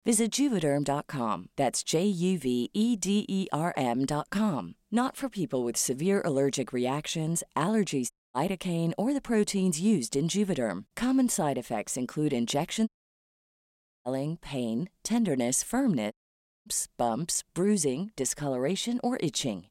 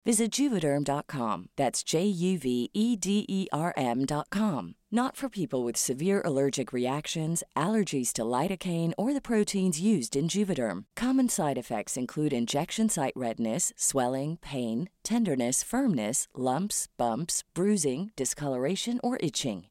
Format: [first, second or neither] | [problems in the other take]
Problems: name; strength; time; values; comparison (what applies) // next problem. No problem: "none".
second | audio cutting out; at 8 s, at 13 s for 1 s and at 16 s for 0.5 s